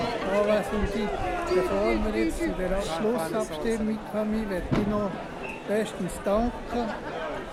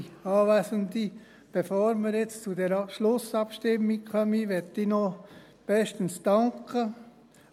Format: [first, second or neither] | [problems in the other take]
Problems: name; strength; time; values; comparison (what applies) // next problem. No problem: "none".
second | background sound (Crowd / Fireworks); 1 dB below the speech